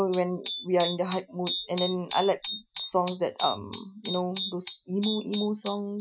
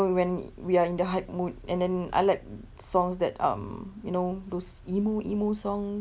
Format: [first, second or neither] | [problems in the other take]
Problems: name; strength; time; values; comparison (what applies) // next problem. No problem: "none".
second | noise reduction (classical method Wiener filter)